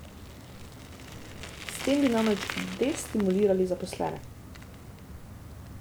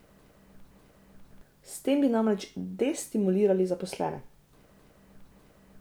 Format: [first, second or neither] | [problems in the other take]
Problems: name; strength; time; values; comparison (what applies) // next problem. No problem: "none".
second | background sound (Bicycle); 11 dB below the speech